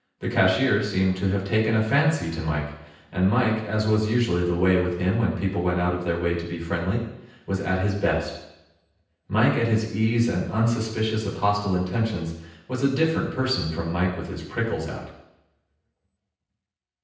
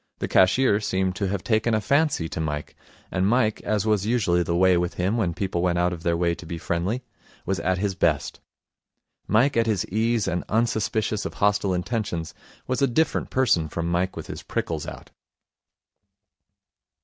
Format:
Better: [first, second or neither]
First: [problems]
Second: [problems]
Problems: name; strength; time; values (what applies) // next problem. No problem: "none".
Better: second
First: room echo; dies away in 0.9 s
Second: none